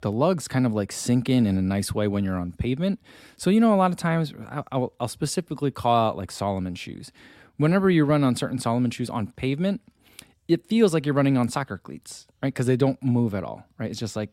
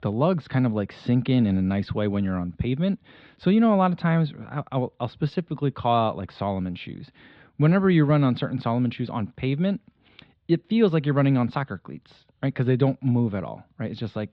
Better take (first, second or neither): first